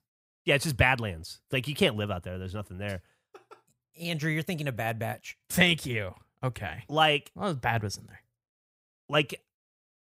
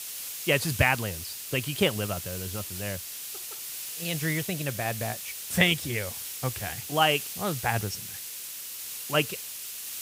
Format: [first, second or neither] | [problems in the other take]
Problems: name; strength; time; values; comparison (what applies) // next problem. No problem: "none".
first | hiss; loud; throughout; 6 dB below the speech